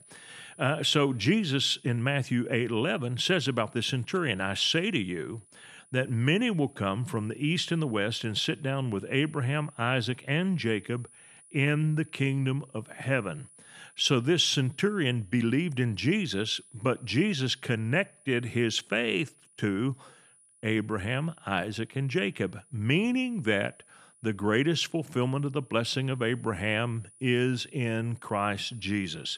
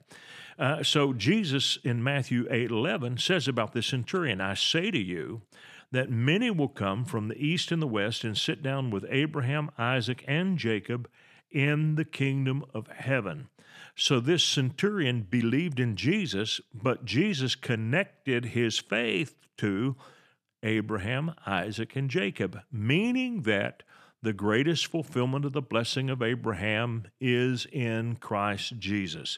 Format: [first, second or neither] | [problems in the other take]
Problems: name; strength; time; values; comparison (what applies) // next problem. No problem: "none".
second | high-pitched whine; faint; throughout; 10 kHz, 25 dB below the speech